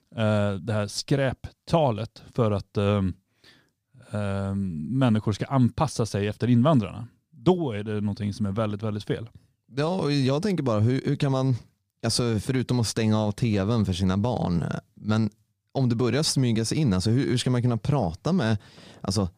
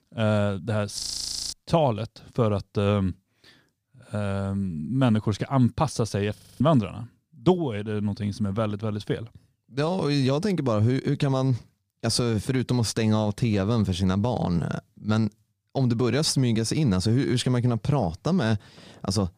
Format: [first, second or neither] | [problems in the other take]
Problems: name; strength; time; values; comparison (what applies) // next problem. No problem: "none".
first | audio freezing; at 1 s for 0.5 s and at 6.5 s